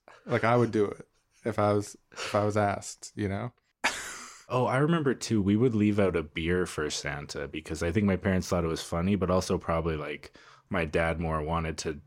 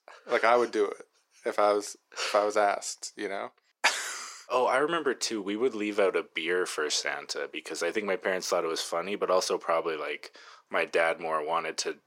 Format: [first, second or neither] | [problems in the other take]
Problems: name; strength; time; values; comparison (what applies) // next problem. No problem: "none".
first | thin; very; fading below 400 Hz